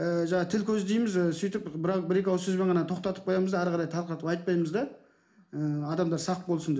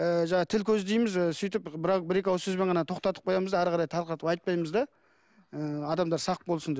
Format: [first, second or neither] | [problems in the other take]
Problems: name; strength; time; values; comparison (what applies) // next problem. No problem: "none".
second | room echo; dies away in 0.4 s